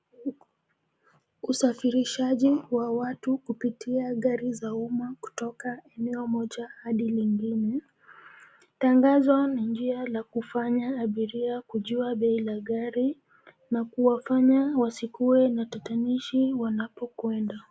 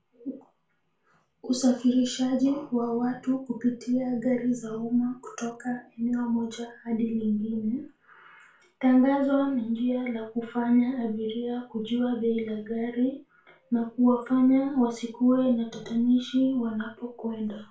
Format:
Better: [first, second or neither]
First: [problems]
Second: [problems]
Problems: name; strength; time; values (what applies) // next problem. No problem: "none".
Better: first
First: none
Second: room echo; dies away in 0.2 s